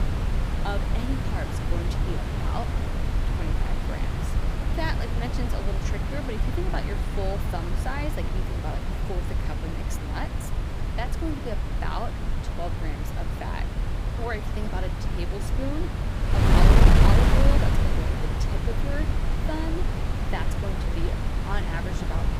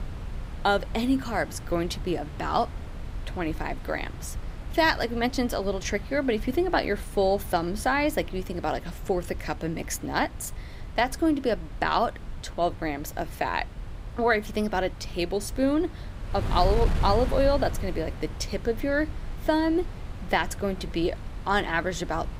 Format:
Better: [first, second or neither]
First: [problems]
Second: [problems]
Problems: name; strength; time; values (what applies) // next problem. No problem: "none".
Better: second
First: wind noise on the microphone; heavy; 2 dB above the speech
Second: wind noise on the microphone; occasional gusts; 20 dB below the speech